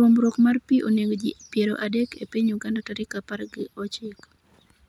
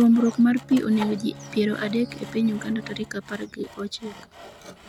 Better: first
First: none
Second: background sound (Bowed string instrument + Sawing); 16 dB below the speech

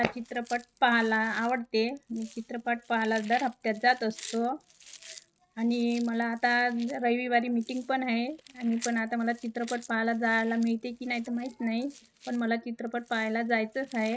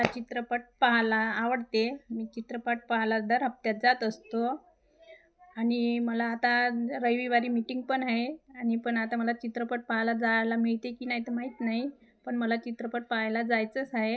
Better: second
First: noise reduction (neural mask model RNNoise)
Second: none

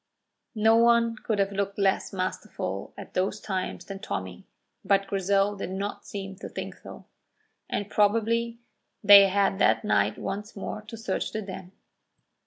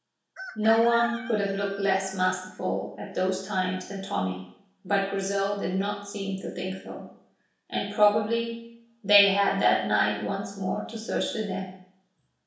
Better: first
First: none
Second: background sound (Chicken, rooster); 12 dB below the speech // room echo; dies away in 0.6 s

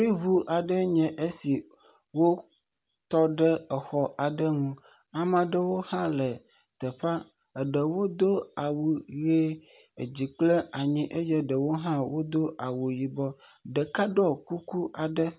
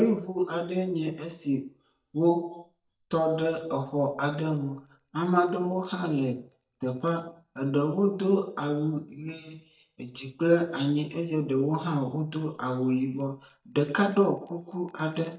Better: first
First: none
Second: noise reduction (neural mask model DeepFilterNet 3)

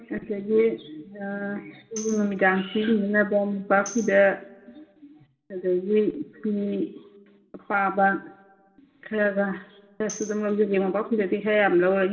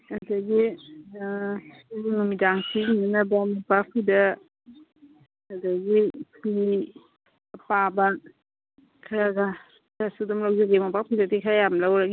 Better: second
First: background sound (Tambourine); 19 dB below the speech // room echo; dies away in 1.3 s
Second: none

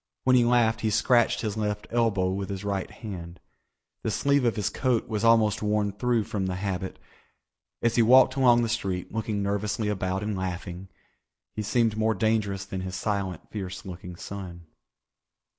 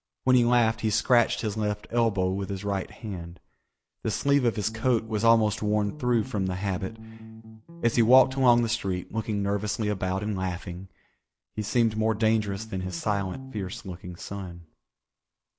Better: first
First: none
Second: background sound (Bass guitar); 14 dB below the speech

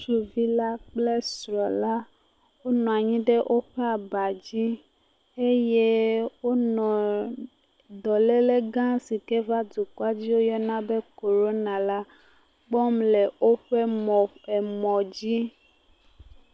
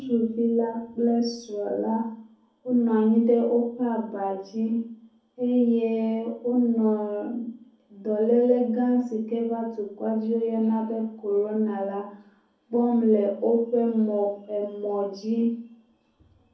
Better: first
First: none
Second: room echo; dies away in 0.5 s

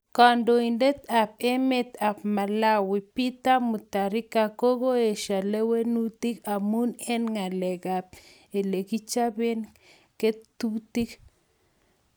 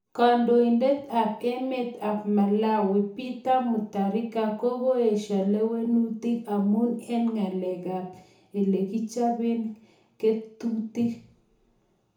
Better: first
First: none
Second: room echo; dies away in 0.7 s

